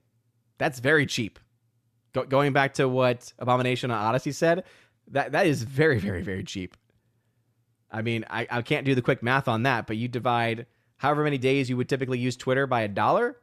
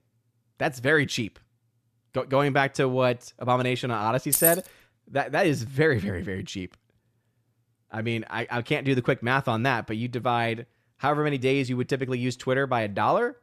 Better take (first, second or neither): first